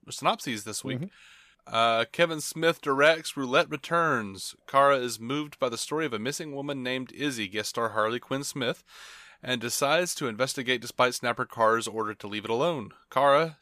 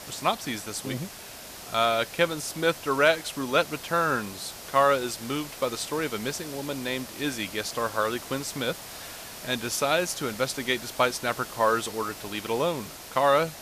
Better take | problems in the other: first | hiss; noticeable; throughout; 10 dB below the speech

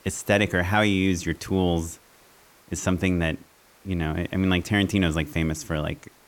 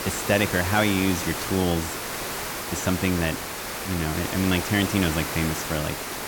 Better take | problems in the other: first | hiss; loud; throughout; 4 dB below the speech; faint in the first

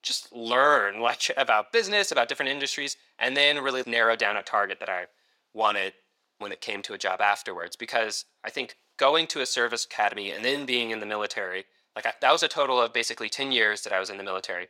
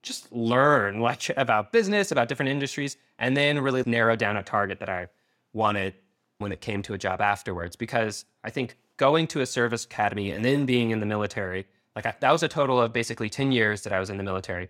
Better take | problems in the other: second | thin; somewhat; fading below 500 Hz

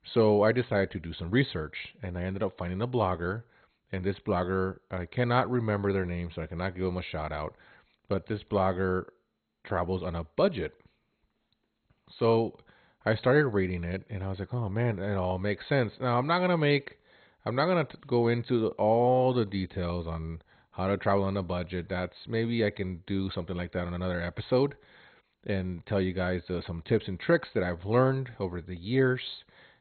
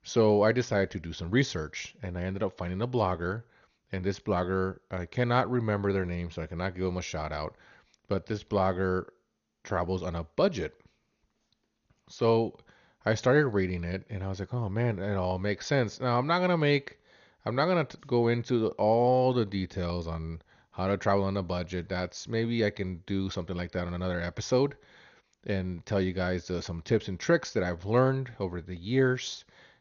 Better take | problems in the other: second | garbled, watery; badly; nothing above 4 kHz; slightly in the second

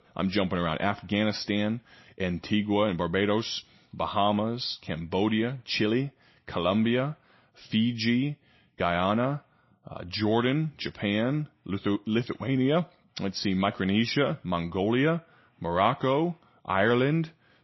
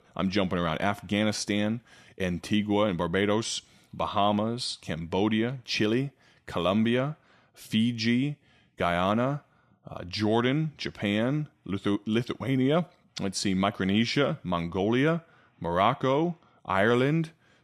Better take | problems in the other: second | garbled, watery; slightly; nothing above 5.5 kHz

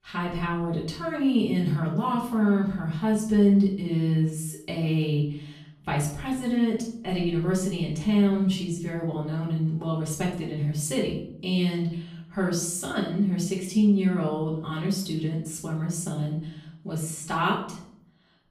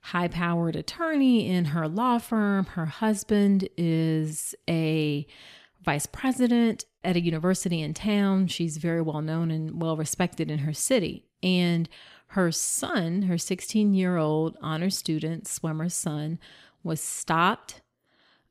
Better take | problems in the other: second | off-mic speech; far // room echo; noticeable; dies away in 0.6 s

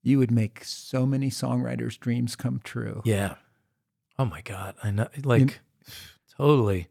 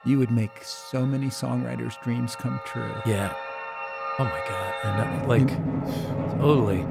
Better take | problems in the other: first | background music; loud; throughout; 3 dB below the speech

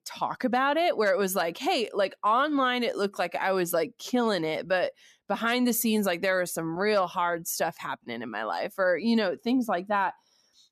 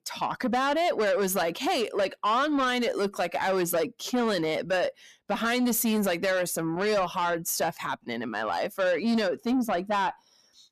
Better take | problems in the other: first | distortion; slight; 10 dB below the speech

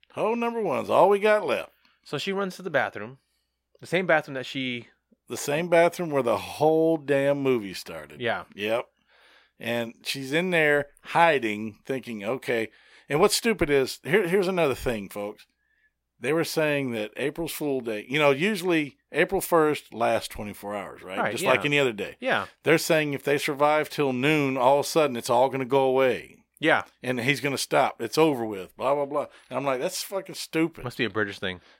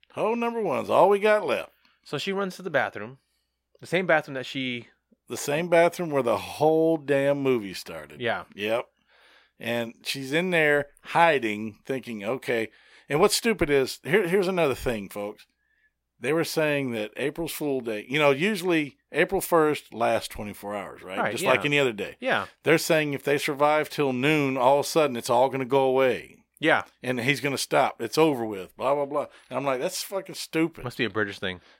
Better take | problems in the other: neither | none

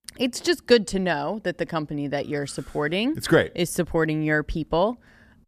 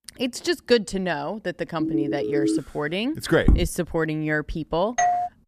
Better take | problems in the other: first | siren; loud; at 2 s; peak 2 dB above the speech // footsteps; loud; at 3.5 s; peak 3 dB above the speech // doorbell; loud; at 5 s; peak 3 dB above the speech

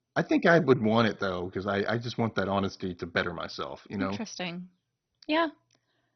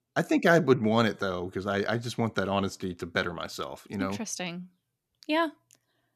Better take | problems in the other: second | garbled, watery; badly; nothing above 6 kHz

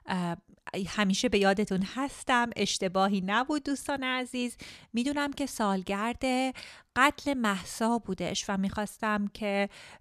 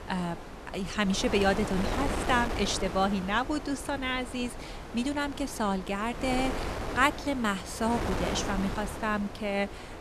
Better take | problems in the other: first | wind noise on the microphone; heavy; 7 dB below the speech

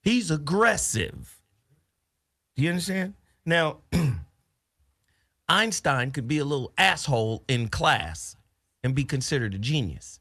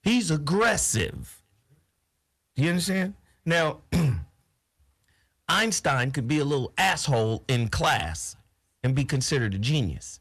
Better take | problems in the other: first | distortion; slight; 10 dB below the speech

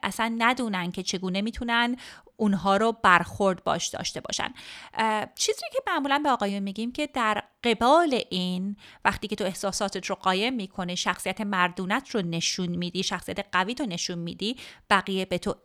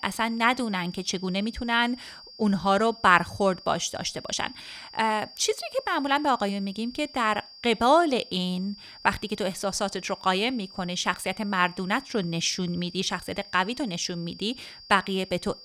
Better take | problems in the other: first | high-pitched whine; noticeable; throughout; 5 kHz, 20 dB below the speech

